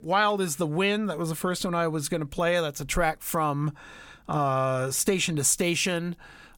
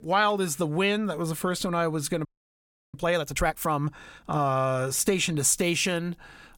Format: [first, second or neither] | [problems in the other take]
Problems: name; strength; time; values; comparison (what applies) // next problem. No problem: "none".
first | audio freezing; at 2.5 s for 0.5 s